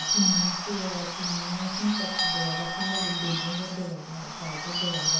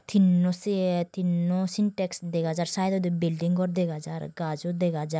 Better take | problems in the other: second | background sound (Bird / Bell); 2 dB above the speech // room echo; dies away in 0.9 s

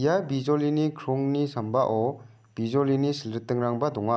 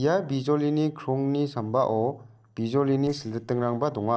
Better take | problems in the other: first | noise reduction (neural separator model SepFormer DNS4)

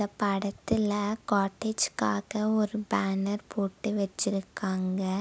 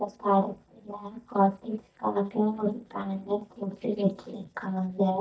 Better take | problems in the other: first | noise reduction (neural mask model DeepFilterNet 3)

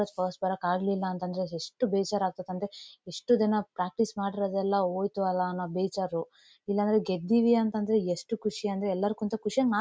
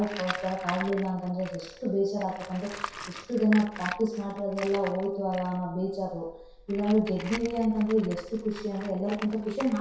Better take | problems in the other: first | background sound (Tools); 13 dB below the speech // room echo; dies away in 0.7 s

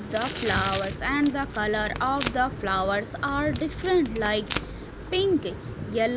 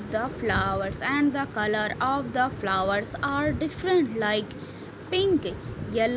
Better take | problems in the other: second | background sound (Crumpling, crinkling + Packing tape, duct tape); 11 dB below the speech

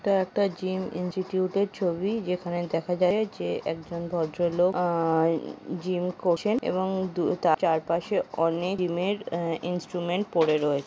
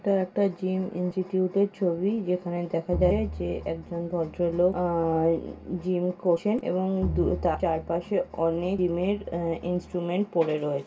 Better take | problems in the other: first | background sound (Bowed string instrument); 11 dB below the speech // room echo; dies away in 0.2 s

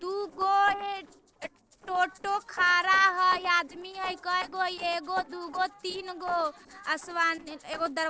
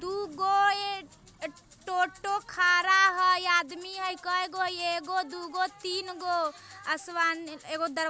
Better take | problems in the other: second | noise reduction (neural separator model SepFormer DNS4)

